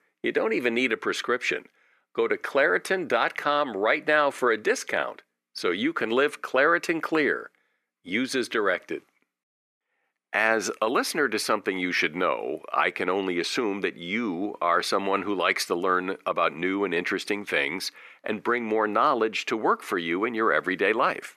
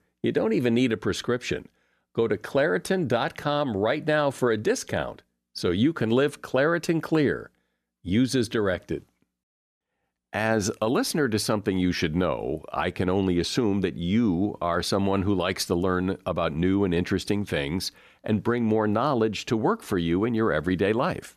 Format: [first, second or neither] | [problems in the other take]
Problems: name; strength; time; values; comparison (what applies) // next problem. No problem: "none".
second | thin; somewhat; fading below 350 Hz